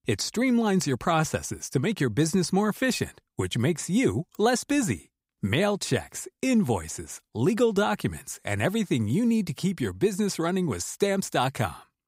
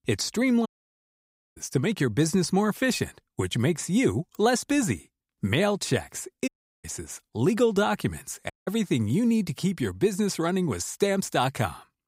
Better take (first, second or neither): first